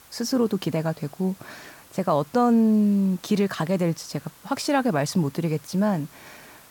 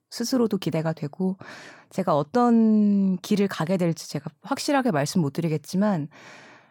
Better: second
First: hiss; faint; throughout; 25 dB below the speech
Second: none

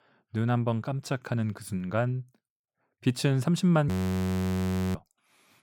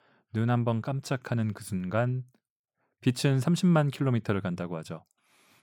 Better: second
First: audio freezing; at 4 s for 1 s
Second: none

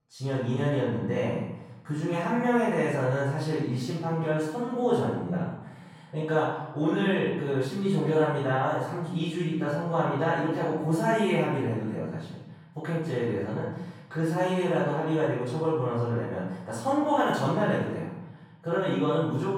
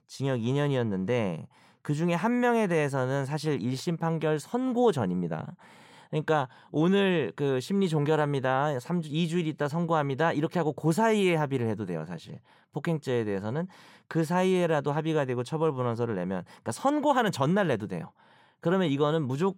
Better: second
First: room echo; strong; dies away in 0.8 s // off-mic speech; far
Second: none

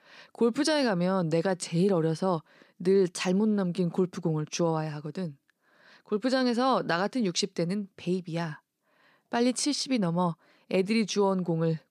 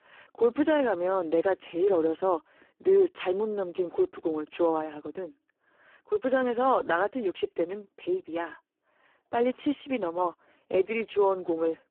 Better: first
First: none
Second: phone-call audio; poor line

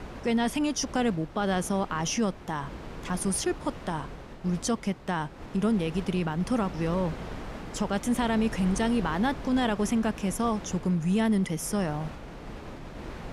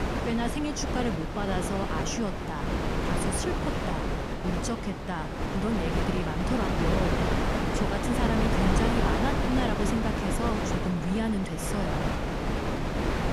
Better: first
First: wind noise on the microphone; occasional gusts; 15 dB below the speech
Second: wind noise on the microphone; heavy; 3 dB above the speech

